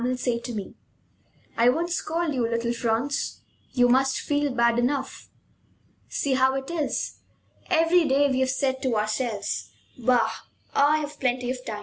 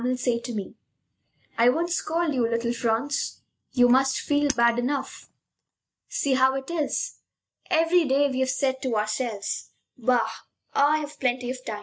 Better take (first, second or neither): first